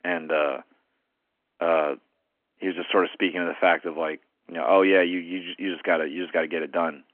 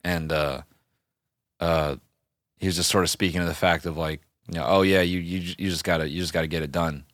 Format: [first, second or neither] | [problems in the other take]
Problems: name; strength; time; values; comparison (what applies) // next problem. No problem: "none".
second | phone-call audio; nothing above 3 kHz